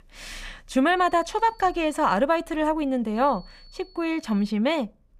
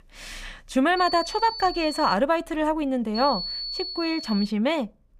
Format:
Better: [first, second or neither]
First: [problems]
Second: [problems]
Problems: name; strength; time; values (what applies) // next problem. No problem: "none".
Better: first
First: high-pitched whine; faint; from 1 to 2 s and from 3 to 4.5 s; 4.5 kHz, 30 dB below the speech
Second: high-pitched whine; loud; from 1 to 2 s and from 3 to 4.5 s; 4.5 kHz, 7 dB below the speech